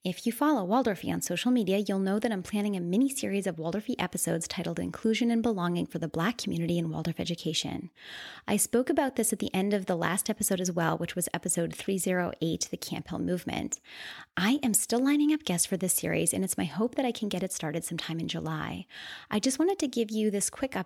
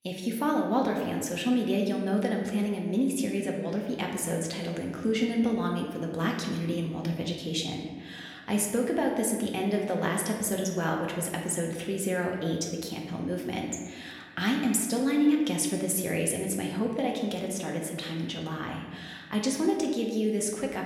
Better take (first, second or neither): first